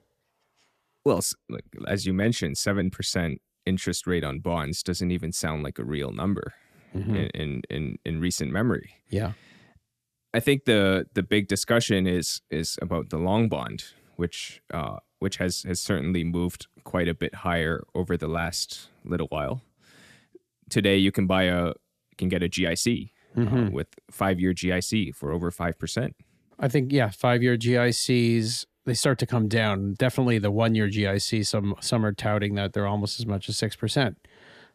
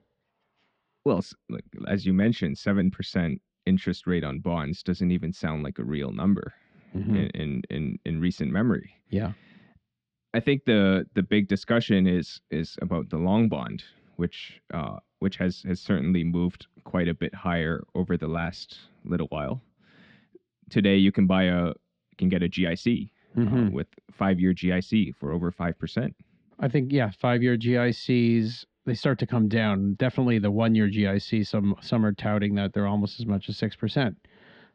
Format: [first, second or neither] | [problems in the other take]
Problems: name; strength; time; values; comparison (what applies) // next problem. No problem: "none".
first | muffled; slightly; fading above 4 kHz